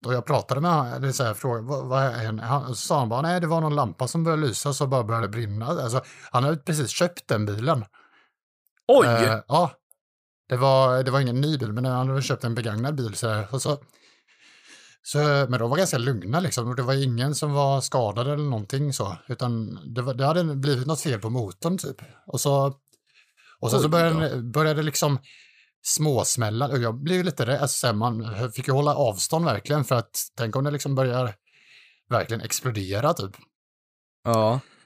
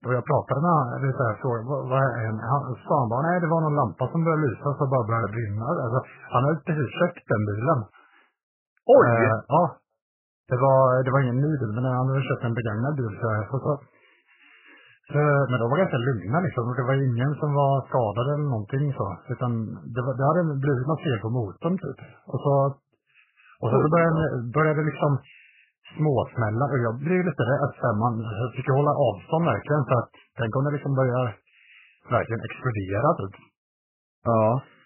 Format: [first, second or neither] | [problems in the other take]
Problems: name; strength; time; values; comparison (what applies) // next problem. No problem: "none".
first | garbled, watery; badly; nothing above 3 kHz